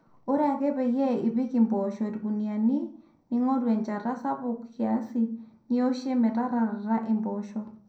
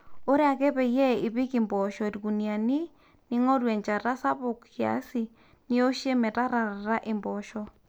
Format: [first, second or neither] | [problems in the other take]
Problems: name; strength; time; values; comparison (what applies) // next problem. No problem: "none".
second | room echo; dies away in 0.6 s